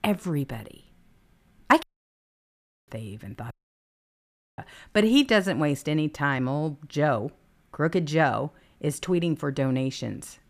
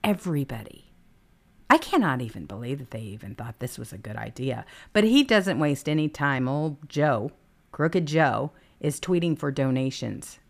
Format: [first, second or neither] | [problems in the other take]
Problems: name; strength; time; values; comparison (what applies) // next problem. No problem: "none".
second | audio cutting out; at 2 s for 1 s and at 3.5 s for 1 s